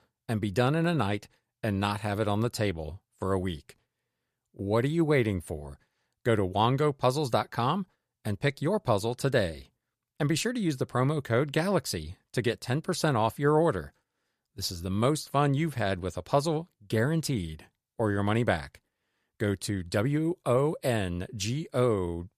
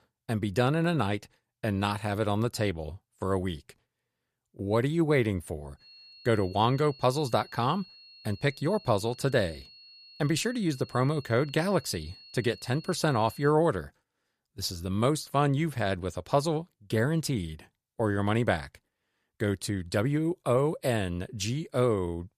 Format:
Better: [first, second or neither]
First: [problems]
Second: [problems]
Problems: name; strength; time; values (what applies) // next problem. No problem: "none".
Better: first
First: none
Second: high-pitched whine; faint; from 6 to 13 s; 4.5 kHz, 20 dB below the speech